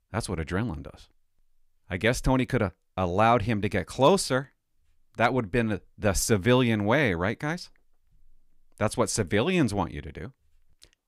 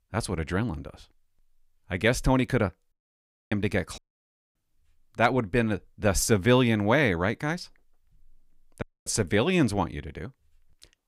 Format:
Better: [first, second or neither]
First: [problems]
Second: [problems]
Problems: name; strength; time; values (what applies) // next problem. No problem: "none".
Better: first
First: none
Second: audio cutting out; at 3 s for 0.5 s, at 4 s for 0.5 s and at 9 s